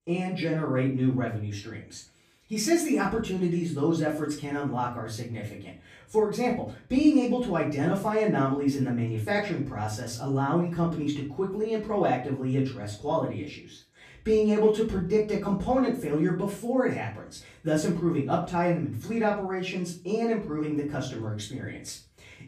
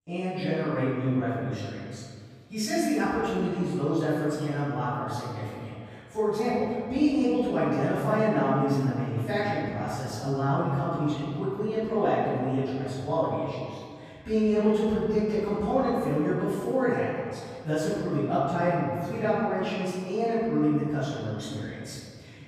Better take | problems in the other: first | room echo; strong; dies away in 2 s; slight in the first // off-mic speech; far; far in the first

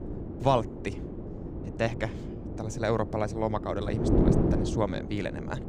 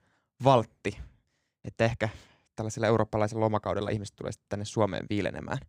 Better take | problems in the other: second | wind noise on the microphone; heavy; 6 dB below the speech

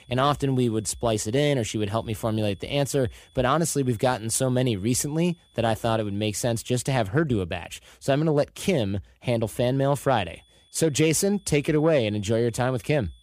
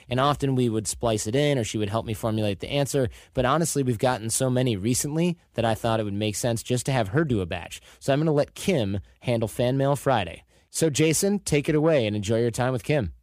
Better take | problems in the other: second | high-pitched whine; faint; until 7 s and from 9.5 s on; 3.5 kHz, 35 dB below the speech

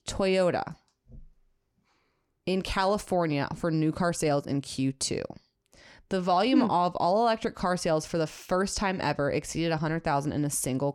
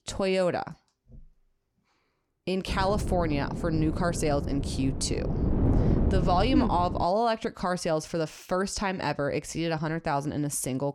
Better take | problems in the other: first | wind noise on the microphone; heavy; from 2.5 to 7 s; 9 dB below the speech

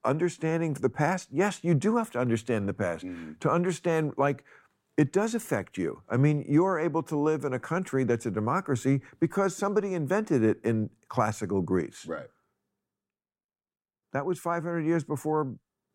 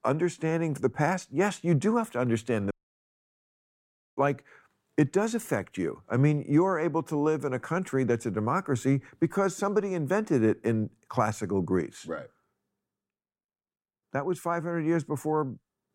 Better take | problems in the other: first | audio cutting out; at 2.5 s for 1.5 s

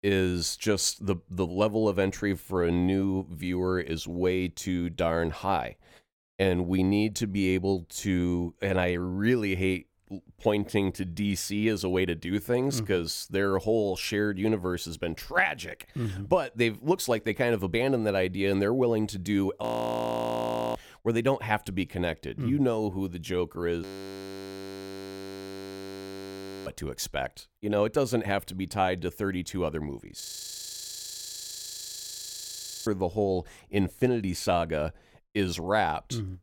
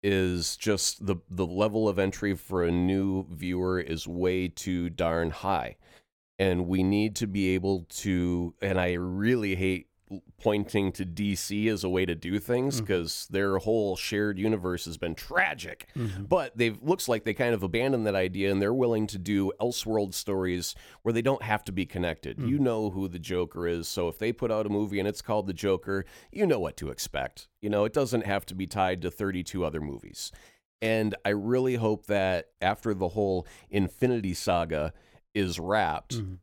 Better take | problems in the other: second | audio freezing; at 20 s for 1 s, at 24 s for 3 s and at 30 s for 2.5 s

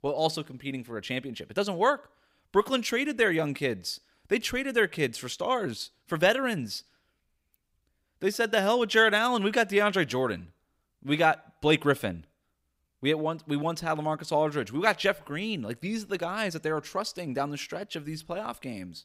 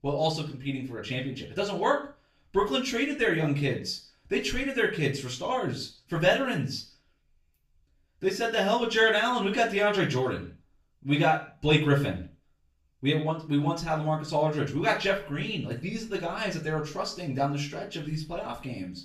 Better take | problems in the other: first | room echo; slight; dies away in 0.4 s // off-mic speech; far

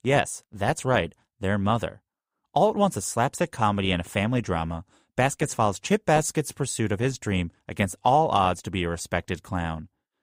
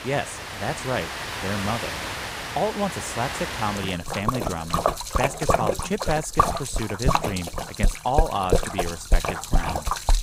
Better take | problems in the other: first | rain or running water; very loud; throughout; 2 dB above the speech

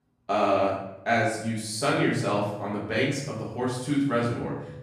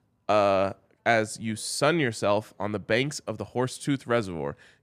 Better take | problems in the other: second | off-mic speech; far // room echo; noticeable; dies away in 0.8 s

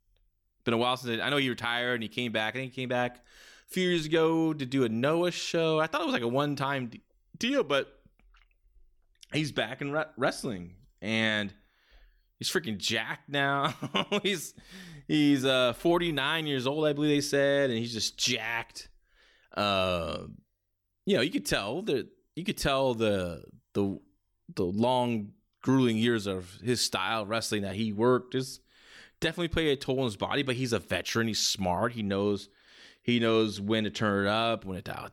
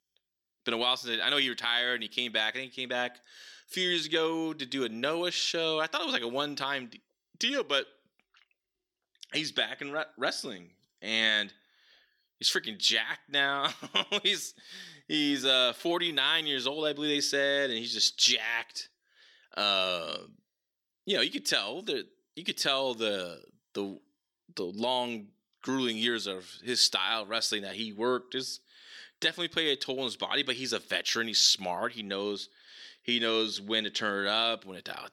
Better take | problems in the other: first | thin; very slightly; fading below 250 Hz

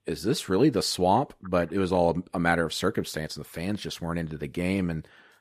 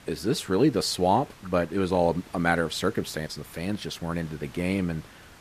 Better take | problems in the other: first | hiss; faint; throughout; 25 dB below the speech

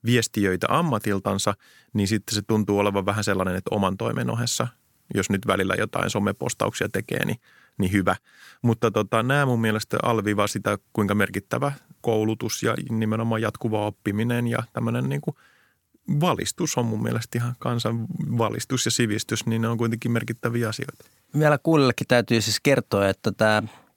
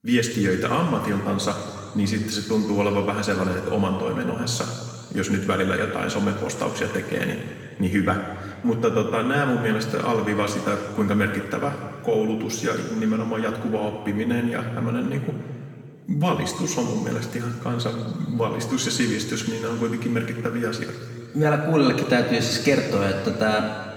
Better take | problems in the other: first | room echo; noticeable; dies away in 2.3 s // off-mic speech; far

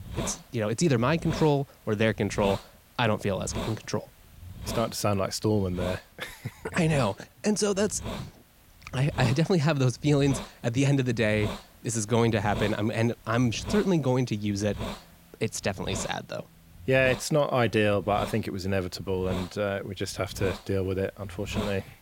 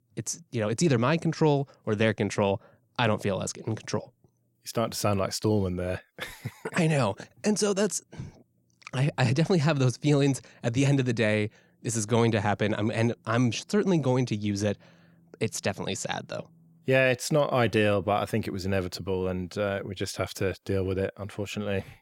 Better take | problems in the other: second | hiss; noticeable; throughout; 10 dB below the speech

